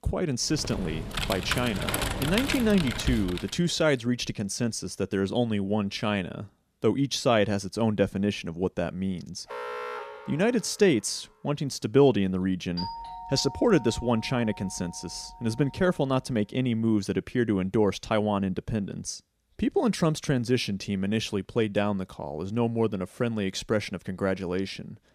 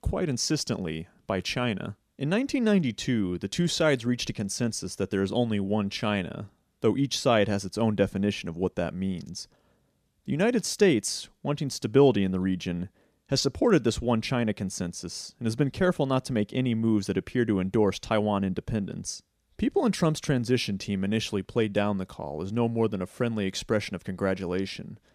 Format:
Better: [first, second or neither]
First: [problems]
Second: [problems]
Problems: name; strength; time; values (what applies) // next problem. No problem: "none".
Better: second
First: keyboard typing; noticeable; from 0.5 to 3.5 s; peak 1 dB below the speech // alarm; noticeable; from 9.5 to 11 s; peak 7 dB below the speech // doorbell; noticeable; from 13 to 16 s; peak 8 dB below the speech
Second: none